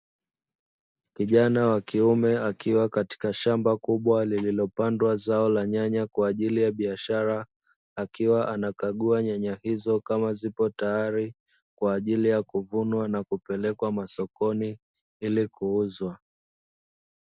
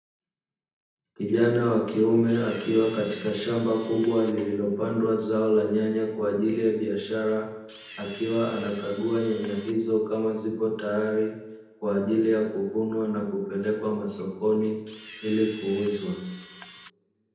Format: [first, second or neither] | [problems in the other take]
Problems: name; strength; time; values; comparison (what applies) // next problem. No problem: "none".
first | background sound (Camera); 19 dB below the speech // room echo; dies away in 0.9 s